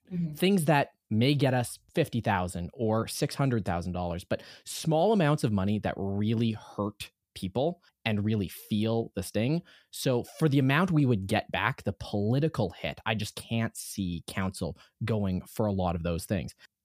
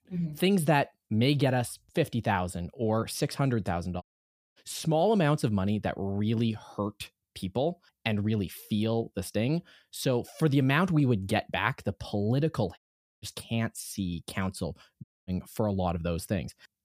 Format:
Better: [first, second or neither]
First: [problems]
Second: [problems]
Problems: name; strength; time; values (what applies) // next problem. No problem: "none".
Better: first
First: none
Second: audio cutting out; at 4 s for 0.5 s, at 13 s and at 15 s